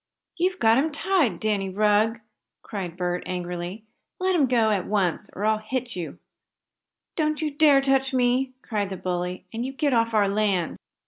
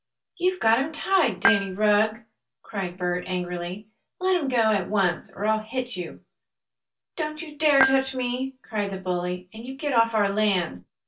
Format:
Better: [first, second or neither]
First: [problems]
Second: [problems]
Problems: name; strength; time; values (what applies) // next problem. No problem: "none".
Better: first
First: none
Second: background sound (Dishes, pots, and pans / Chink, clink); as loud as the speech // room echo; dies away in 0.2 s